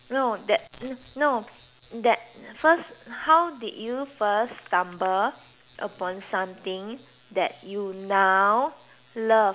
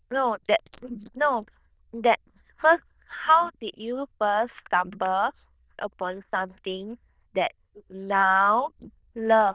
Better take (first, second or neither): first